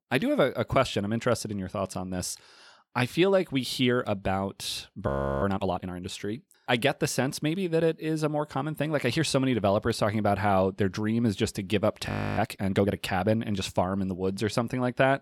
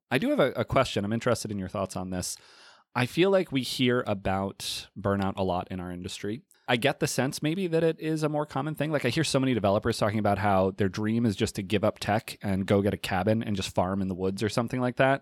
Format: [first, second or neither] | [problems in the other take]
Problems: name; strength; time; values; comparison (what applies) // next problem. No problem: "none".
second | audio freezing; at 5 s and at 12 s